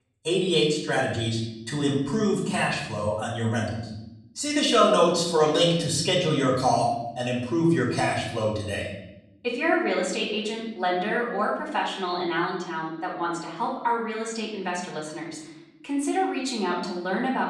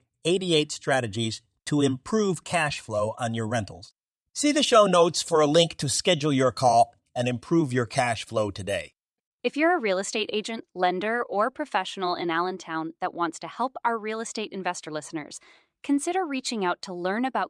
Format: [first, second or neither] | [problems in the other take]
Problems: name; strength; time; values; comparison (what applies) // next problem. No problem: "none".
second | off-mic speech; far // room echo; noticeable; dies away in 0.9 s